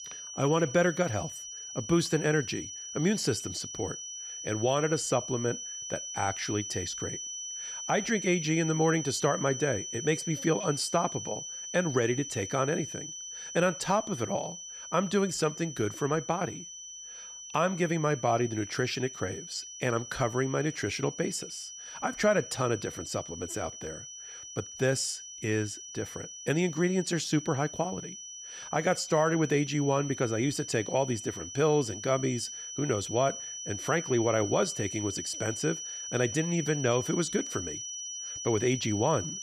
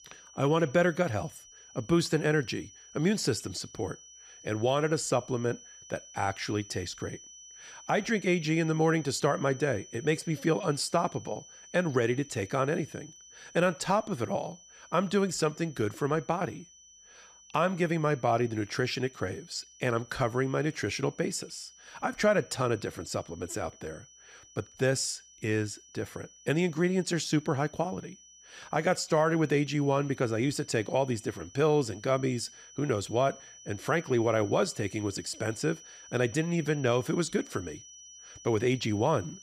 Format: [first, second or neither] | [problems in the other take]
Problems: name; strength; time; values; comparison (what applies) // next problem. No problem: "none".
second | high-pitched whine; loud; throughout; 6 kHz, 8 dB below the speech; faint in the second